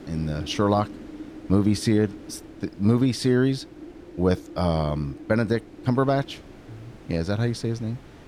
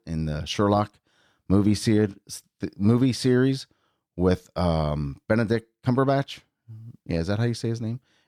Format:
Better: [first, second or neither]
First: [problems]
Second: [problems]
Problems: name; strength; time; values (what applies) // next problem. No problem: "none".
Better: second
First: wind noise on the microphone; occasional gusts; 20 dB below the speech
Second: none